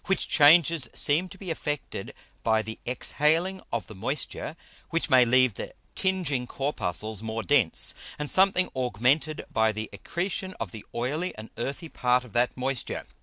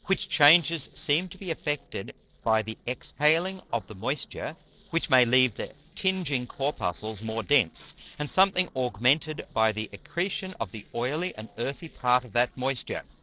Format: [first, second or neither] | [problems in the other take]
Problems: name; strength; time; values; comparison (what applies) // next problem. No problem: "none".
first | noise reduction (neural separator model SepFormer DNS4)